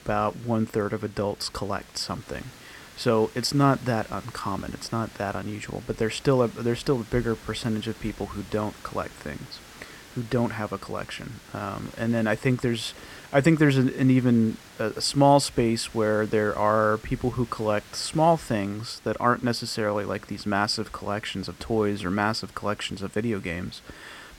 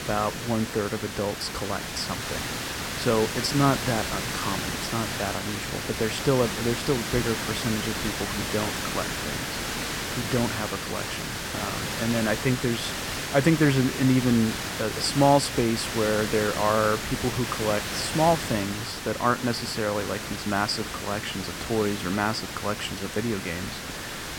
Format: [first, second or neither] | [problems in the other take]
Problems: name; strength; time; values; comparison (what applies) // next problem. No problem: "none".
first | hiss; loud; throughout; 4 dB below the speech; faint in the first